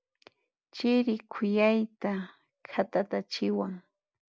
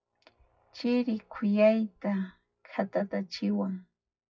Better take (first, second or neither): first